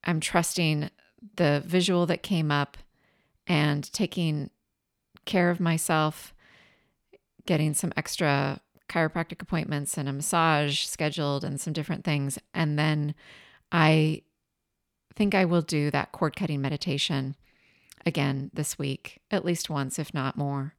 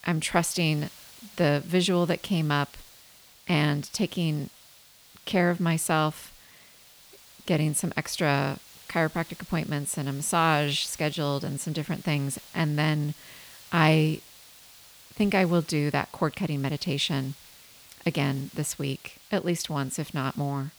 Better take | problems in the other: first | hiss; faint; throughout; 20 dB below the speech

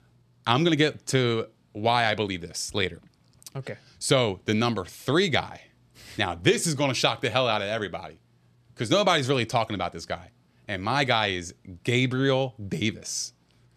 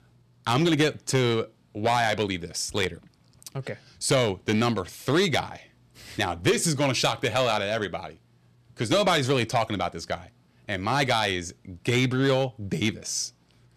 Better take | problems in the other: first | distortion; slight; 3% of the sound clipped

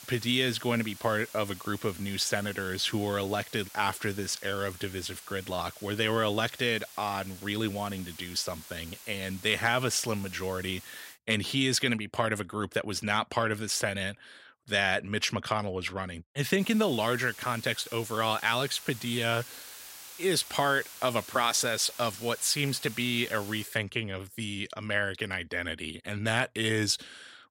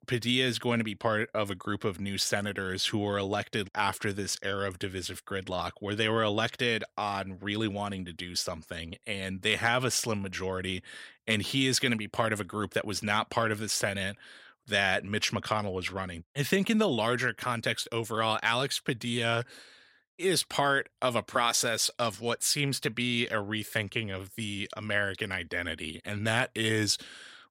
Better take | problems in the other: second | hiss; noticeable; until 11 s and from 17 to 24 s; 15 dB below the speech

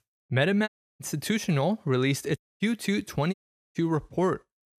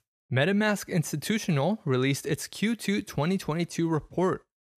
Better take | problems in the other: second | audio cutting out; at 0.5 s, at 2.5 s and at 3.5 s

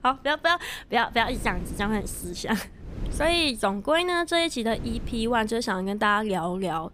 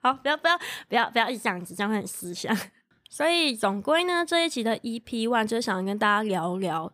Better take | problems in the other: second | wind noise on the microphone; occasional gusts; 20 dB below the speech

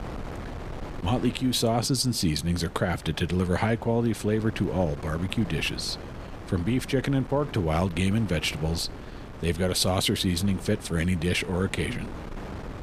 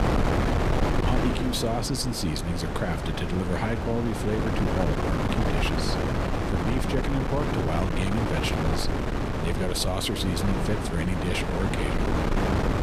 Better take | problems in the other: first | wind noise on the microphone; heavy; 1 dB above the speech; occasional gusts in the first

